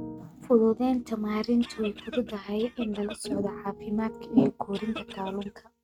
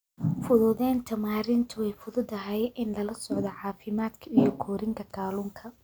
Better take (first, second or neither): second